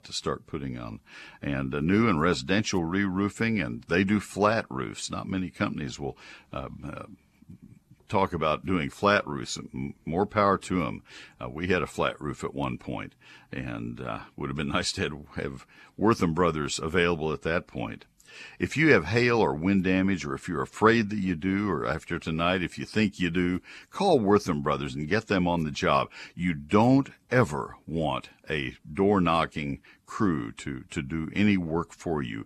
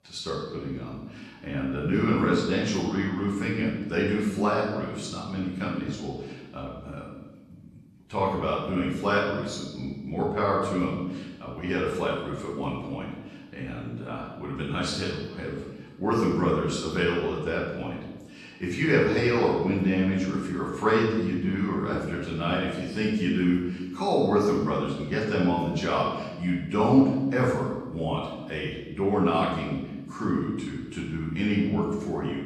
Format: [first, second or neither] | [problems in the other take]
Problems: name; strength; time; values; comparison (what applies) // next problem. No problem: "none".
first | room echo; noticeable; dies away in 1.1 s // off-mic speech; far